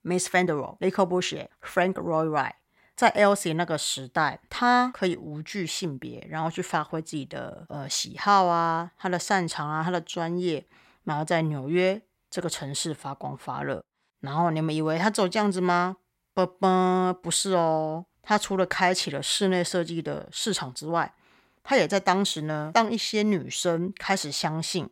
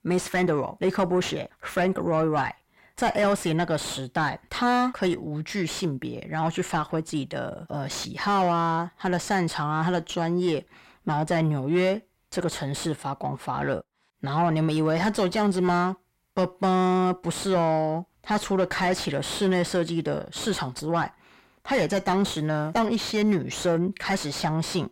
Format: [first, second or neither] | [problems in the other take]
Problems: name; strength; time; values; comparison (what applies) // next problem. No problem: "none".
first | distortion; heavy; 7 dB below the speech